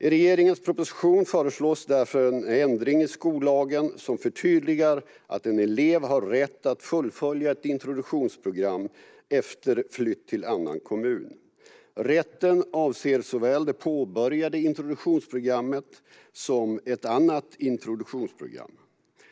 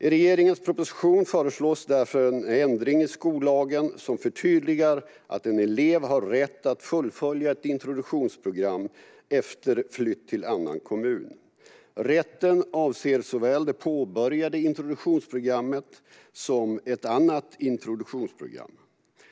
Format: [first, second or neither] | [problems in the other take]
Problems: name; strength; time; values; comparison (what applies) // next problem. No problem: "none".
second | noise reduction (neural mask model Resemble Enhance denoiser)